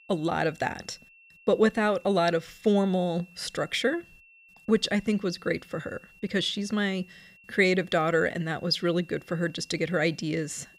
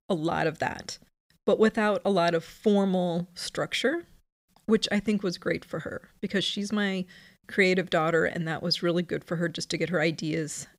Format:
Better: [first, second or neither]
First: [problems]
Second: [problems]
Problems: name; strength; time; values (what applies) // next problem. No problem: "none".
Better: second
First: high-pitched whine; faint; throughout; 2.5 kHz, 25 dB below the speech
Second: none